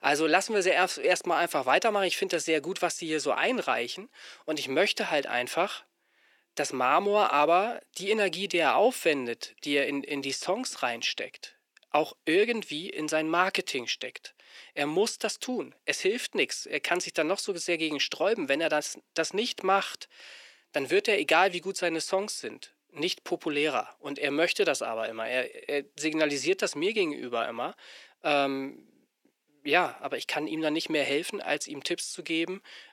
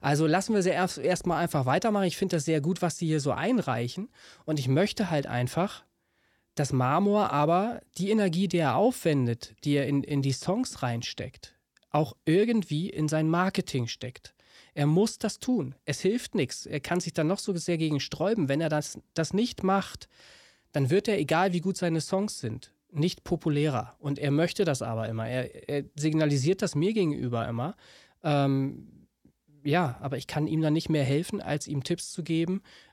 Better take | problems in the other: second | thin; somewhat; fading below 350 Hz

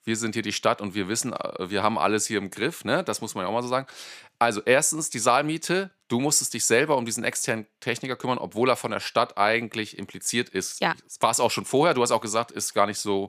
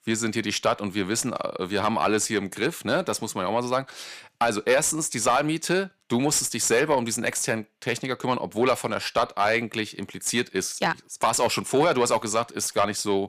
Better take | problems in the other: first | distortion; slight; 10 dB below the speech

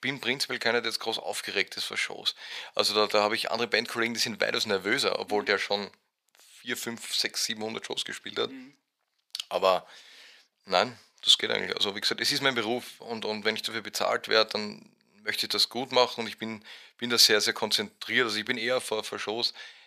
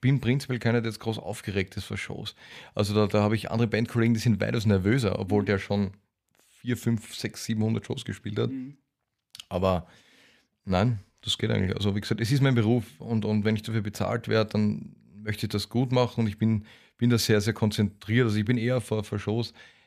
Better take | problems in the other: second | thin; very; fading below 600 Hz

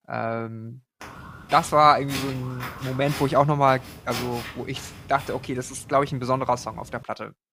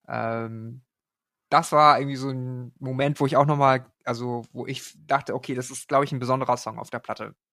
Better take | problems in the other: second | footsteps; noticeable; from 1 to 7 s; peak 8 dB below the speech

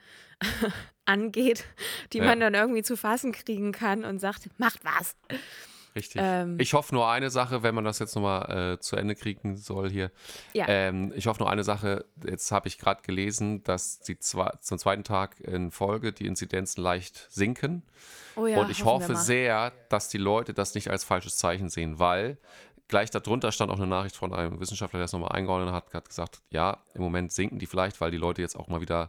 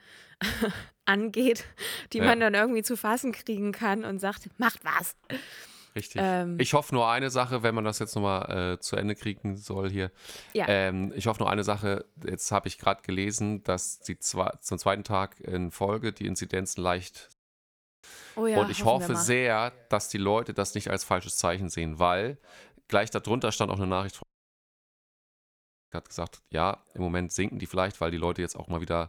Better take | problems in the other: first | audio cutting out; at 17 s for 0.5 s and at 24 s for 1.5 s

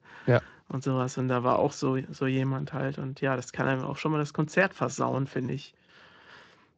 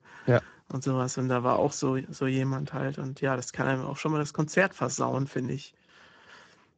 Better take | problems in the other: first | garbled, watery; badly; nothing above 7.5 kHz; slightly in the first

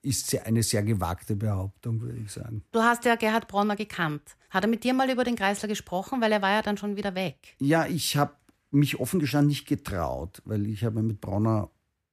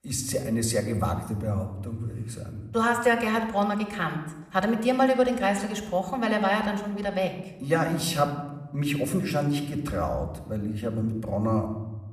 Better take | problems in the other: first | room echo; slight; dies away in 1 s // off-mic speech; somewhat distant

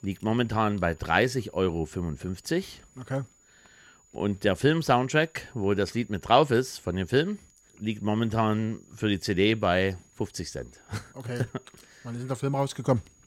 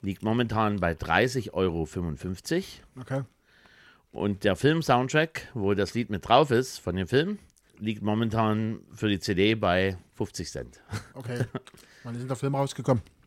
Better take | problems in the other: second | high-pitched whine; faint; throughout; 7 kHz, 30 dB below the speech

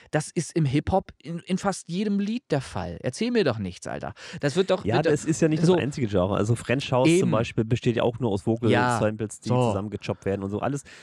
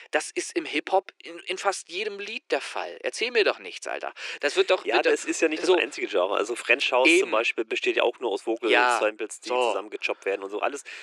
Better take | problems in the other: first | thin; very; fading below 350 Hz

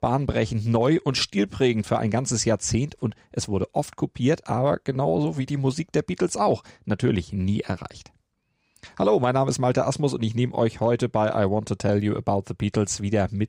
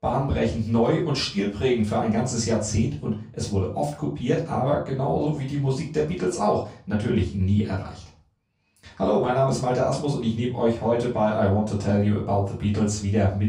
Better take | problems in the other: first | off-mic speech; far // room echo; slight; dies away in 0.3 s

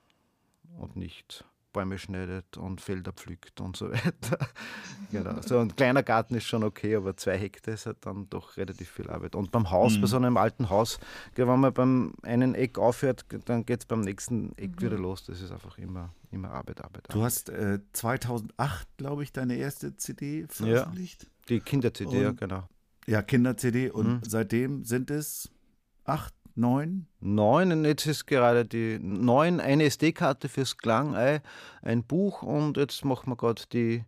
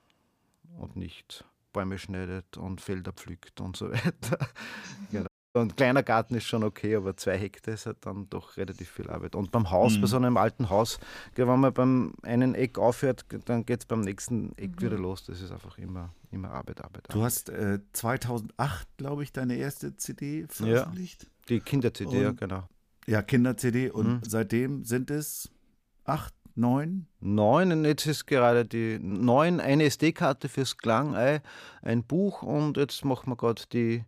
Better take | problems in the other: first | audio cutting out; at 5.5 s

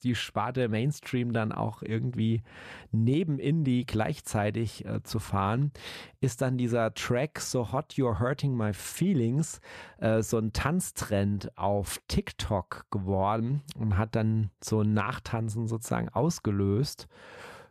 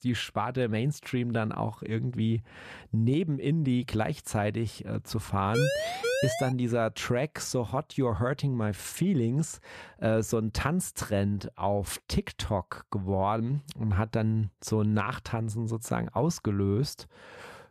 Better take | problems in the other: first | siren; loud; at 5.5 s; peak 1 dB above the speech

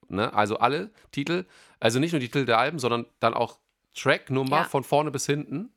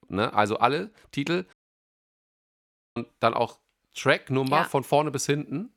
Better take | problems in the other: first | audio cutting out; at 1.5 s for 1.5 s

